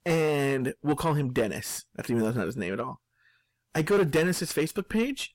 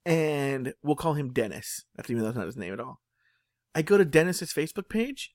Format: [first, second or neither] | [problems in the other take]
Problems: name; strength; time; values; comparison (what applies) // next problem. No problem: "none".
second | distortion; heavy; 7 dB below the speech